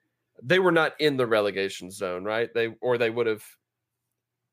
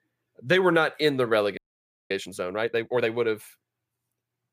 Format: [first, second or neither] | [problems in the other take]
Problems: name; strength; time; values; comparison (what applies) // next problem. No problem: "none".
first | audio freezing; at 1.5 s for 0.5 s